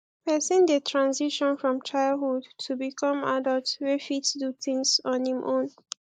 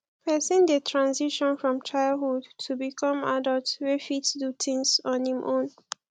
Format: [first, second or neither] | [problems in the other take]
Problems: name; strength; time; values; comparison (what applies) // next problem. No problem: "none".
second | noise reduction (neural mask model Resemble Enhance denoiser)